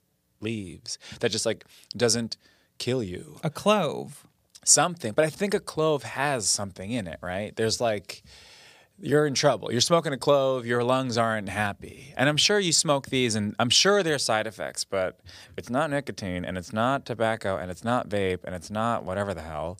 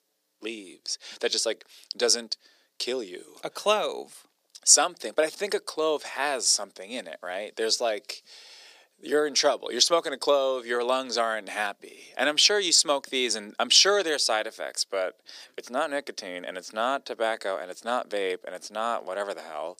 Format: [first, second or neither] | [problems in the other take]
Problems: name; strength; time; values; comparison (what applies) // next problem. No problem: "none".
first | thin; somewhat; fading below 300 Hz